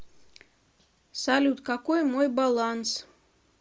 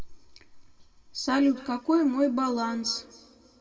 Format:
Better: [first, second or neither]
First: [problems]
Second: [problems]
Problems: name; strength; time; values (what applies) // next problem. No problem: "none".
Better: first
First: none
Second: room echo; dies away in 1.5 s